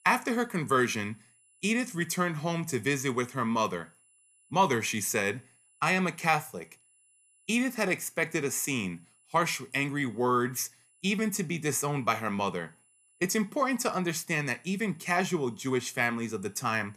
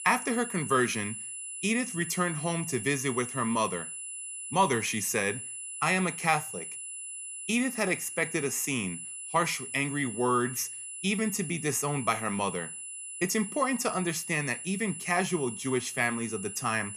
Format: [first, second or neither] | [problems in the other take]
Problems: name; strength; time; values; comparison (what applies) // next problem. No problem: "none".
first | high-pitched whine; loud; throughout; 10 kHz, 7 dB below the speech; faint in the first